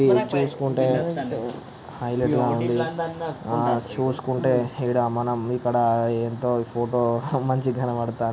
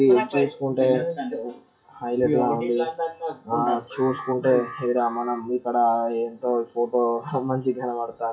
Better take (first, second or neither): first